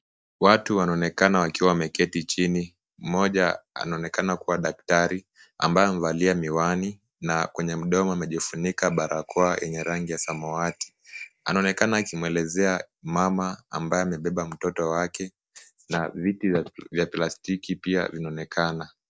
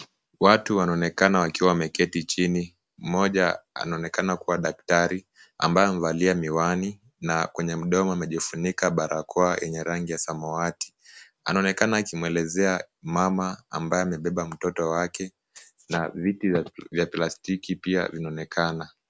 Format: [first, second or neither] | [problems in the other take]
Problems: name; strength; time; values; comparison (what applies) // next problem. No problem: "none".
second | noise reduction (neural mask model DeepFilterNet 3)